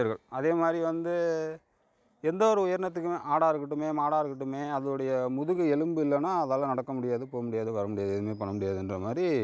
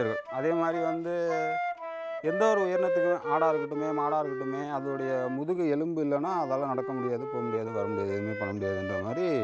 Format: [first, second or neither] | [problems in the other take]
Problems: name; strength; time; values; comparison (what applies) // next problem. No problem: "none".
first | background sound (Wind instrument, woodwind instrument); 4 dB below the speech